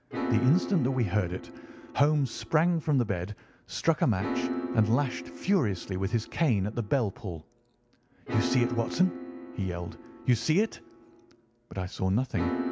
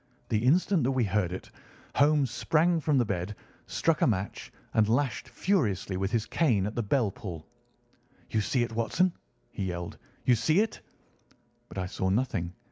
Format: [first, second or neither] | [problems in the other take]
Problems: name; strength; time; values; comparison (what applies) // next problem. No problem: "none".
second | background sound (Piano); 8 dB below the speech